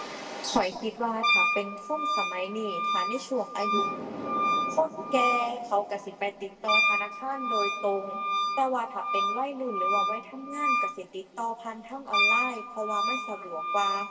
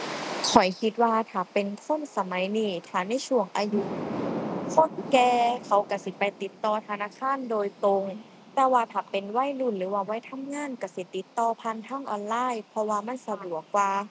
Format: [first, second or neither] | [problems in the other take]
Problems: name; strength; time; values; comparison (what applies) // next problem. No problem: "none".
second | background sound (Wind instrument, woodwind instrument); 2 dB above the speech // room echo; dies away in 1 s